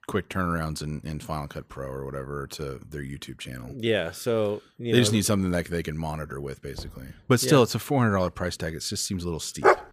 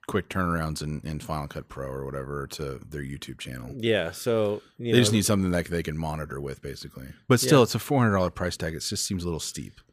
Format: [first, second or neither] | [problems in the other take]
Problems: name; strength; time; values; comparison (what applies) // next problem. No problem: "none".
second | door banging; faint; at 7 s; peak 15 dB below the speech // dog barking; very faint; at 9.5 s; peak 5 dB above the speech